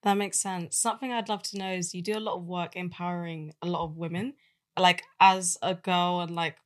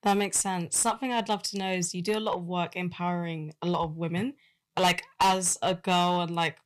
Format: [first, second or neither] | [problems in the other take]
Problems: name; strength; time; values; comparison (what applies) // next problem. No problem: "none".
first | distortion; heavy; 5% of the sound clipped